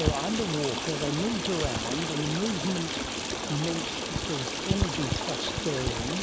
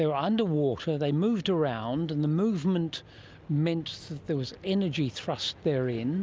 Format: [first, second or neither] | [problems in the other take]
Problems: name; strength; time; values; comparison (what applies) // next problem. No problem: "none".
second | background sound (Stream); 1 dB above the speech